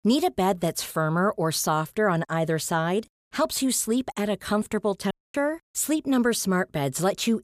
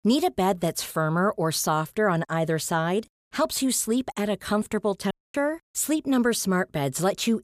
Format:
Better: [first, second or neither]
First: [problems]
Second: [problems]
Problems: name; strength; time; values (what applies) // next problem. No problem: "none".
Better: neither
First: audio cutting out; at 5 s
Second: audio cutting out; at 5 s